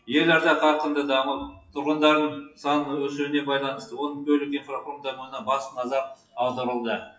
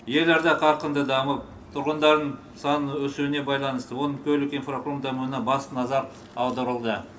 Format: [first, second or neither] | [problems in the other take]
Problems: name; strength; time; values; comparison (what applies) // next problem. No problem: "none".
second | noise reduction (classical method WPE with log-MMSE)